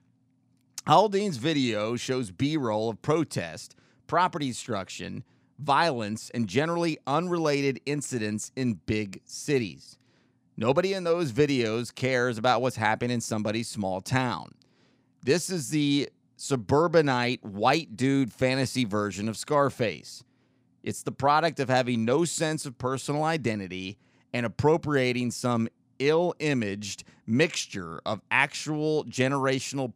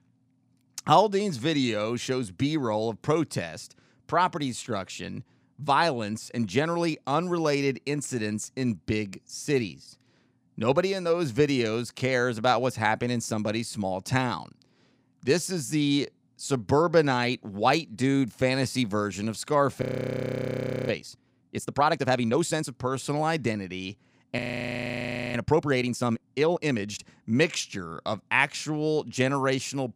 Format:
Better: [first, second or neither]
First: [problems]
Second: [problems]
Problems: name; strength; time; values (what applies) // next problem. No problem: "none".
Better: first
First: none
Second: audio freezing; at 20 s for 1 s and at 24 s for 1 s